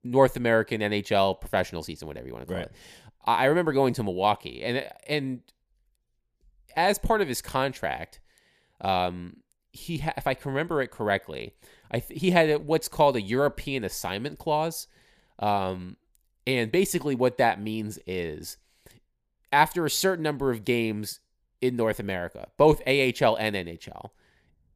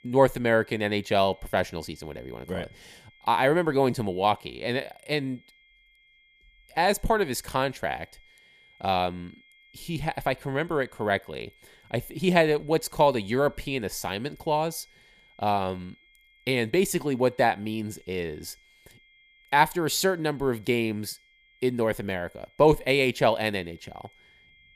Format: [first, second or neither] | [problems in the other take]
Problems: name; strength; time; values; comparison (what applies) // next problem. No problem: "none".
first | high-pitched whine; faint; throughout; 2 kHz, 30 dB below the speech